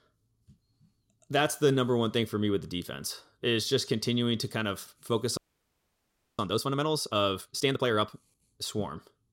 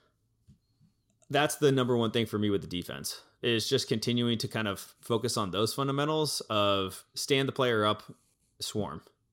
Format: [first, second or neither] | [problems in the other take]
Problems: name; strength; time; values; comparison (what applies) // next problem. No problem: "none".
second | audio freezing; at 5.5 s for 1 s